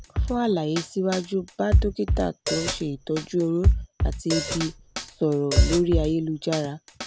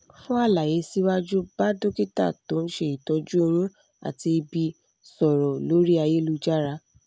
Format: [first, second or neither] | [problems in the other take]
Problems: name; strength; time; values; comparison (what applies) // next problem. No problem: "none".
second | background sound (Hi-hat + Drum kit); as loud as the speech